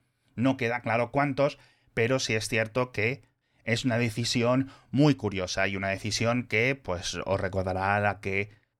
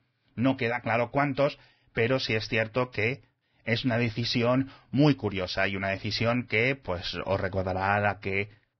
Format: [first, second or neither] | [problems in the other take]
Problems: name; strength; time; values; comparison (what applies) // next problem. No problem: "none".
first | garbled, watery; badly; nothing above 5.5 kHz